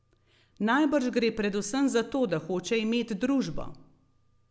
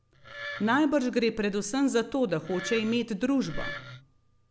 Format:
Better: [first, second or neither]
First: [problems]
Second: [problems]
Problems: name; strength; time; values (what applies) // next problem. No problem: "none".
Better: first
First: none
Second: background sound (Wood); 13 dB below the speech